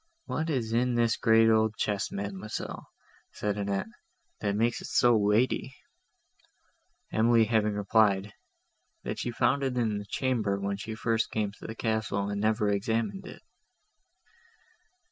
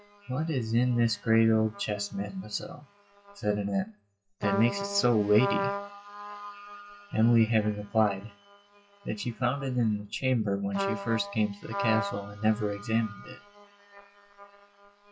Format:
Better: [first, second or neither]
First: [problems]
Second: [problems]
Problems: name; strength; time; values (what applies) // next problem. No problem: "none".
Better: first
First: none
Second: noise reduction (classical method WPE with log-MMSE)